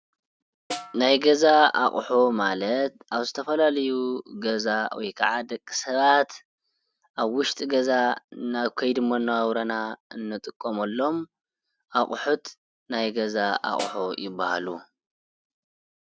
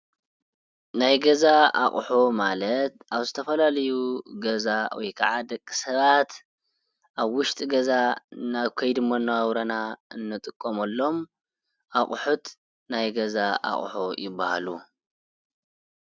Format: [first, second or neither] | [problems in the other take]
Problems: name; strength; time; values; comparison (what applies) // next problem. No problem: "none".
second | background sound (Snare drum); 13 dB below the speech